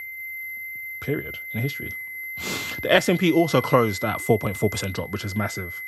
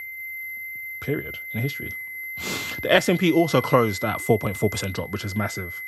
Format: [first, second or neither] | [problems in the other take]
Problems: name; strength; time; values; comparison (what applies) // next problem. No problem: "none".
neither | high-pitched whine; loud; throughout; 2 kHz, 8 dB below the speech; the same in both